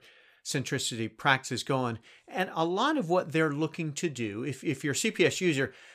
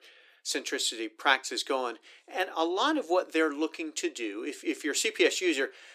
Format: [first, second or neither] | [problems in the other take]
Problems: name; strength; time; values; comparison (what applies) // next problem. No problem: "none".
first | thin; somewhat; fading below 300 Hz